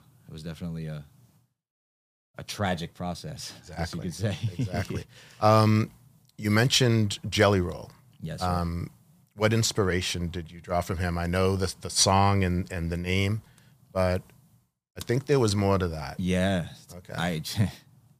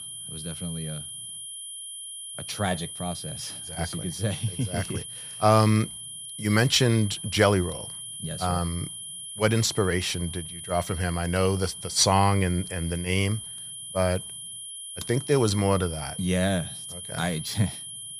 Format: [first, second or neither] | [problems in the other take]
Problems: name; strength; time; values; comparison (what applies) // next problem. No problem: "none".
first | high-pitched whine; loud; throughout; 3 kHz, 10 dB below the speech